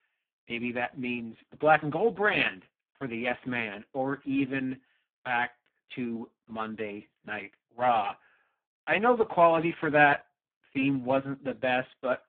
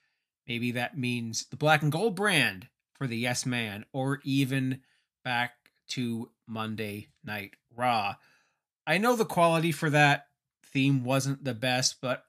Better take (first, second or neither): second